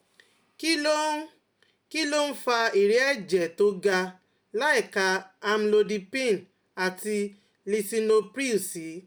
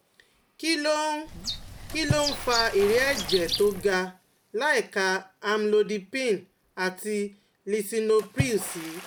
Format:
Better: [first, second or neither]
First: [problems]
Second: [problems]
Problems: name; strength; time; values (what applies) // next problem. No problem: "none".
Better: first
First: none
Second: background sound (Bird + Water / Splash, splatter); 9 dB below the speech